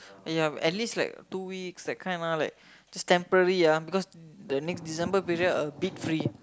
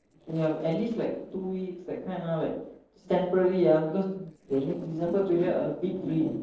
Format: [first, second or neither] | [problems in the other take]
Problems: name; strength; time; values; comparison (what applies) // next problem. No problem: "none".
first | noise reduction (neural separator model SepFormer DNS4)